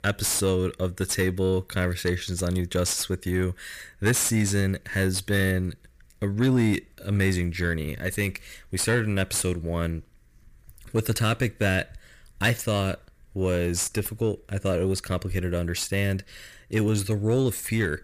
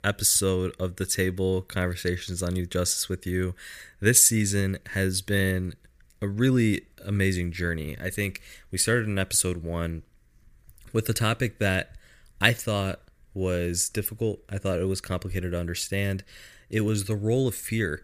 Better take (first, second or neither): second